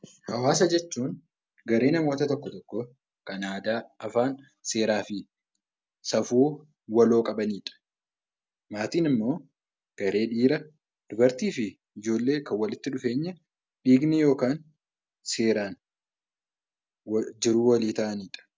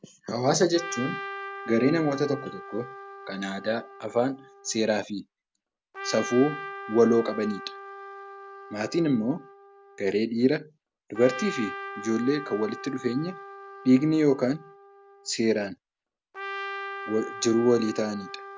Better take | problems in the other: first | background sound (Trumpet); 12 dB below the speech

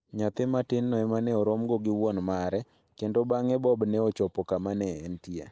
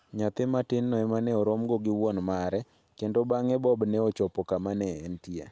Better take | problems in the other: second | noise reduction (neural mask model Resemble Enhance denoiser)

